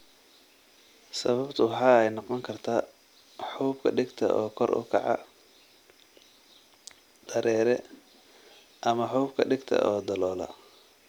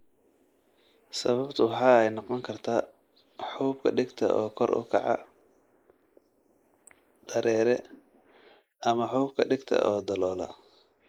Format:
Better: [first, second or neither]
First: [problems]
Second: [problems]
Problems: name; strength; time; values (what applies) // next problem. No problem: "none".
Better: first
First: none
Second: noise reduction (neural mask model Resemble Enhance denoiser)